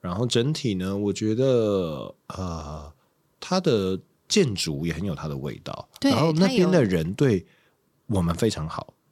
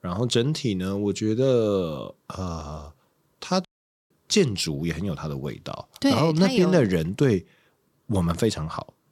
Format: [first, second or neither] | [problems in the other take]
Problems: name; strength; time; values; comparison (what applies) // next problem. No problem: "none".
first | audio cutting out; at 3.5 s